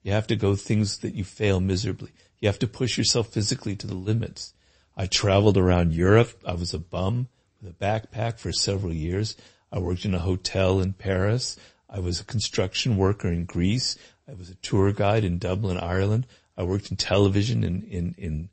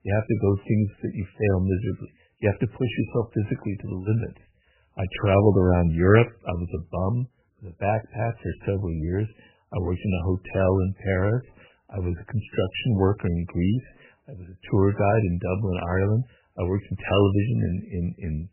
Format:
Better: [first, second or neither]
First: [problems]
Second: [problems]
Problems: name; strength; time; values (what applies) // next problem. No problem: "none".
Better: first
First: garbled, watery; slightly; nothing above 8 kHz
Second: garbled, watery; badly; nothing above 3 kHz